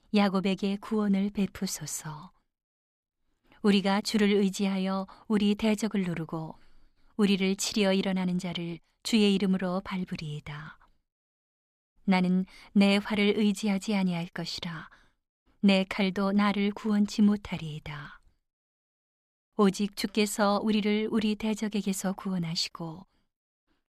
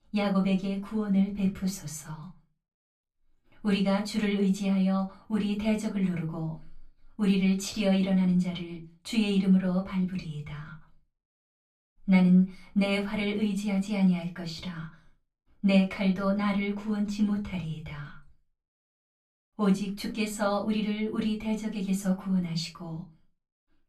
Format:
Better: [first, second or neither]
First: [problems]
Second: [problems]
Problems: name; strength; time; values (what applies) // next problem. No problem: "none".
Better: first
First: none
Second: off-mic speech; far // room echo; very slight; dies away in 0.2 s